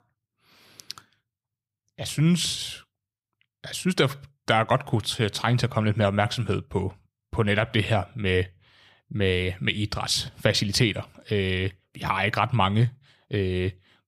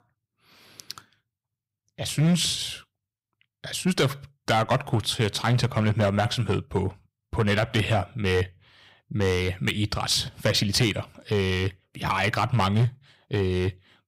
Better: first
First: none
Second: distortion; slight; 4% of the sound clipped

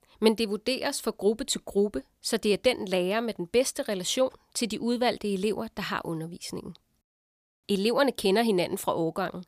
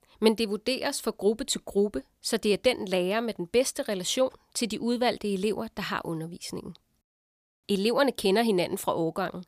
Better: neither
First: none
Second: none

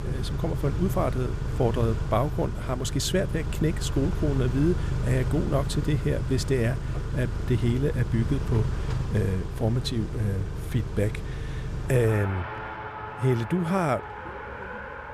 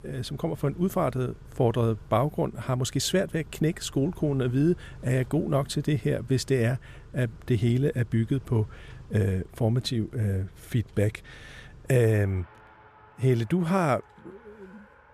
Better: second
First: traffic noise; loud; throughout; 5 dB below the speech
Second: traffic noise; faint; throughout; 20 dB below the speech

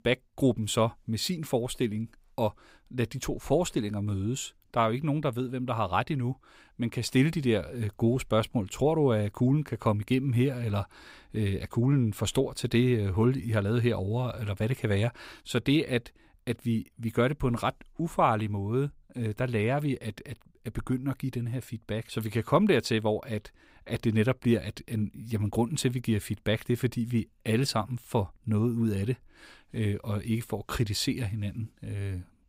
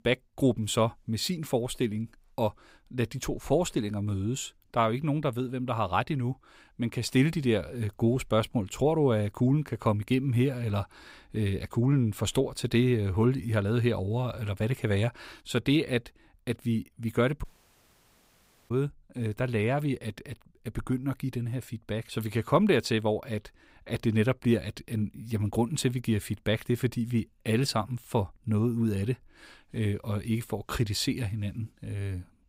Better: first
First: none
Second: audio cutting out; at 17 s for 1.5 s

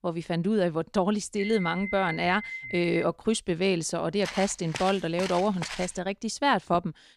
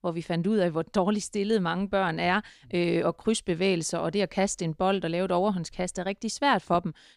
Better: second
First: alarm; noticeable; from 1.5 to 3 s; peak 8 dB below the speech // footsteps; noticeable; from 4 to 6 s; peak 9 dB below the speech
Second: none

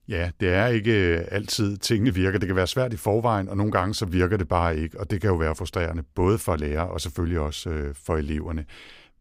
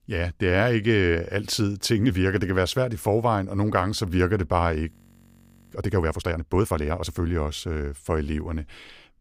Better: first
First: none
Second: audio freezing; at 5 s for 1 s

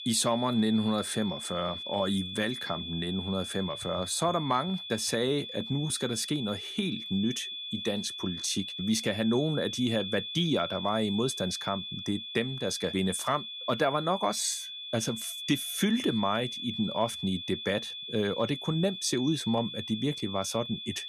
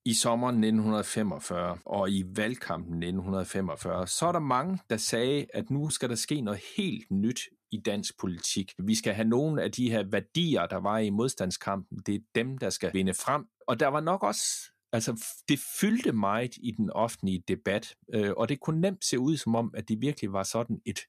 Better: second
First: high-pitched whine; loud; throughout; 3.5 kHz, 6 dB below the speech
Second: none

